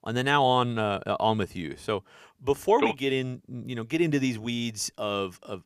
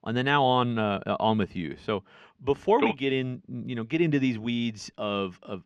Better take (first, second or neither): first